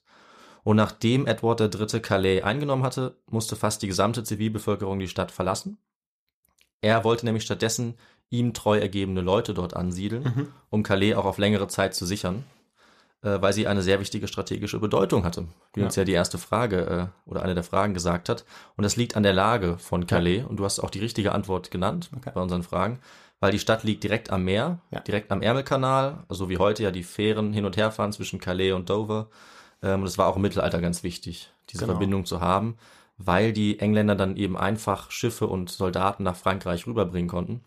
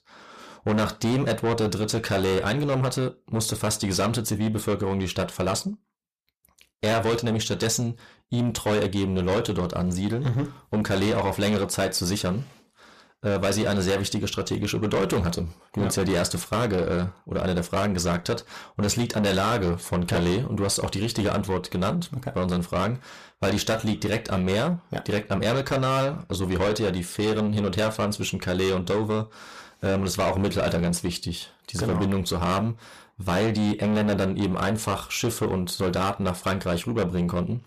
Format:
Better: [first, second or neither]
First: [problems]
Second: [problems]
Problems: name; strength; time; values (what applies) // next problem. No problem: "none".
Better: first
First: none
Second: distortion; heavy; 6 dB below the speech